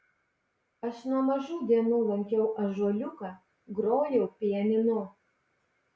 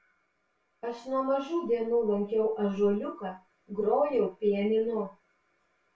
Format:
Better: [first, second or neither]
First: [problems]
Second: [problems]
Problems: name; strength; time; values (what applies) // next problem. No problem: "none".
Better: first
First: none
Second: room echo; dies away in 0.2 s